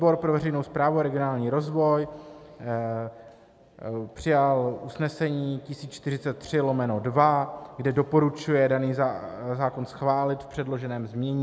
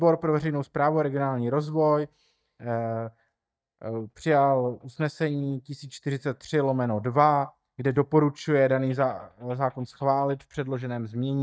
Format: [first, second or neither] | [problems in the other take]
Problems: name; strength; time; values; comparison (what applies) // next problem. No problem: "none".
first | noise reduction (neural mask model DeepFilterNet 3)